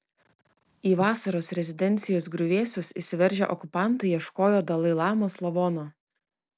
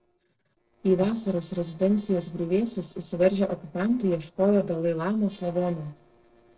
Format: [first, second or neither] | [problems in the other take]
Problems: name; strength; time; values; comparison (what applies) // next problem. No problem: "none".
first | noise reduction (neural separator model SepFormer DNS4)